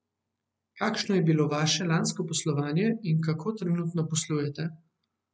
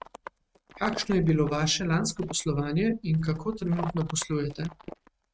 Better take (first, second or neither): first